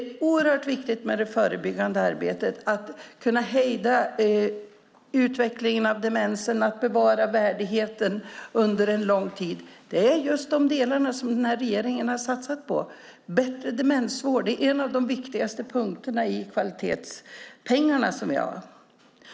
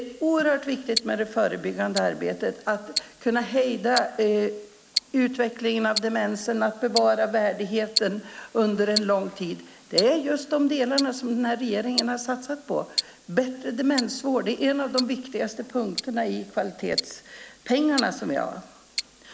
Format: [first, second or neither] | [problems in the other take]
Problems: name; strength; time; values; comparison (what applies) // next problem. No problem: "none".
first | background sound (Tick-tock); 10 dB below the speech